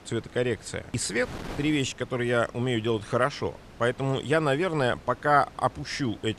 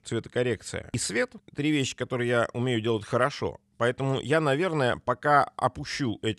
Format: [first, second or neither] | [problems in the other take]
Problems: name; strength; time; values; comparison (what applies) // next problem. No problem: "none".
second | wind noise on the microphone; occasional gusts; 20 dB below the speech